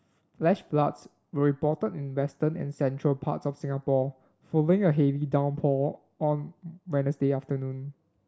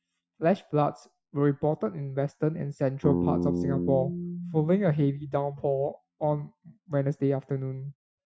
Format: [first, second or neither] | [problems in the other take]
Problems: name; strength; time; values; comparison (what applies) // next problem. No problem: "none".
first | noise reduction (classical method Wiener filter)